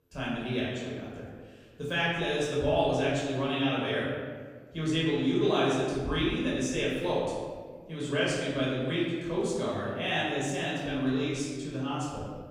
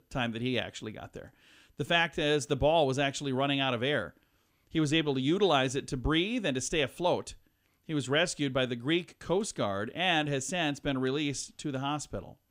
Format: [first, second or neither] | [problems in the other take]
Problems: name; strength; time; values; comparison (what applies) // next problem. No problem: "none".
second | off-mic speech; far // room echo; noticeable; dies away in 1.4 s